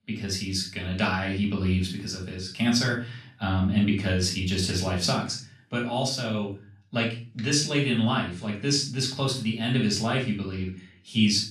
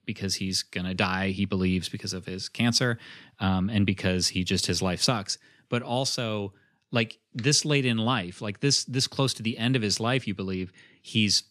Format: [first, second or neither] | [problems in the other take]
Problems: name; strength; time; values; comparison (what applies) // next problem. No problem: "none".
second | off-mic speech; far // room echo; noticeable; dies away in 0.3 s